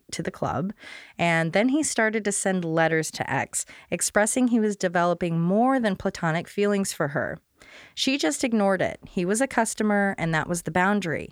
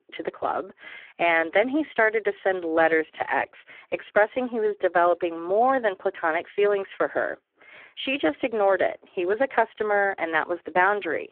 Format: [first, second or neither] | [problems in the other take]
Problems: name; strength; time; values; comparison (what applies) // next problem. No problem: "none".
first | phone-call audio; poor line